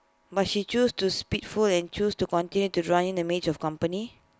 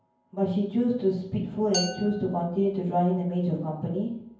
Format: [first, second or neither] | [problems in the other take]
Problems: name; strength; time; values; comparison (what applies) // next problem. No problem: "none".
first | background sound (Glass); 12 dB below the speech // room echo; dies away in 0.9 s